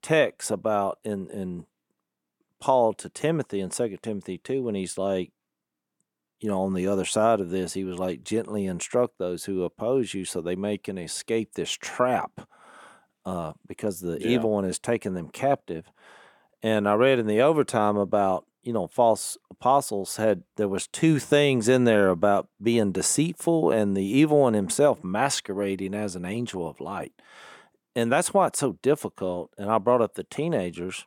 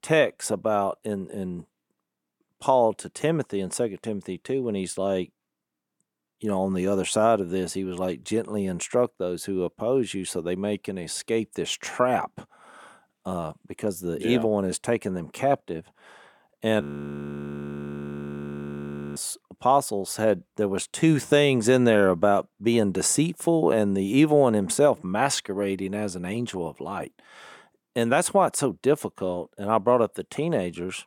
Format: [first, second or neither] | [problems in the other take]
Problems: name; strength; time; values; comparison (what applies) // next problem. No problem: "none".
first | audio freezing; at 17 s for 2.5 s